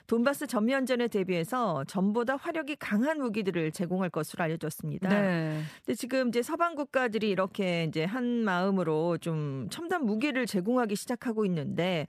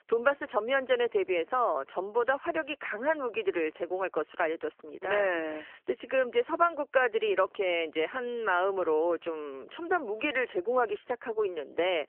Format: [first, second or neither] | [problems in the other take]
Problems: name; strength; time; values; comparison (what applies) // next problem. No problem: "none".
first | phone-call audio; nothing above 3 kHz